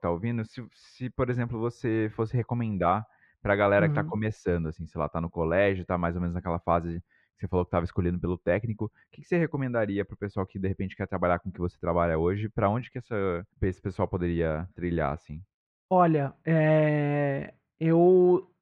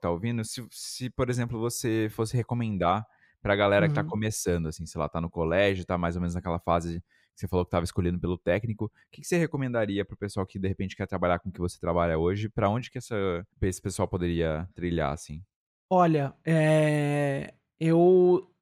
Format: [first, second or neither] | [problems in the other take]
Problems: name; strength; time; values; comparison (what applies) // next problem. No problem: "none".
second | muffled; very; fading above 2 kHz